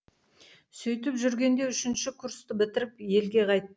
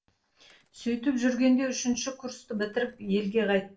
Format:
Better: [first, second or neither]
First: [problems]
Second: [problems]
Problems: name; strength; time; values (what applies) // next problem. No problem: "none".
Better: first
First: none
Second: noise reduction (neural separator model SepFormer DNS4)